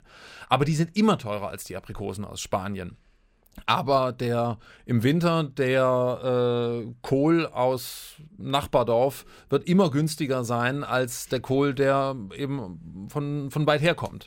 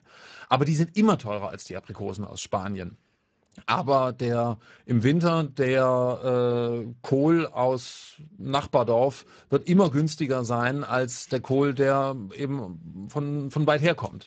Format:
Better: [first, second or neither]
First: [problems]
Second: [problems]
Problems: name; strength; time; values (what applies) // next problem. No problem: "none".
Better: first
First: none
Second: garbled, watery; badly; nothing above 7.5 kHz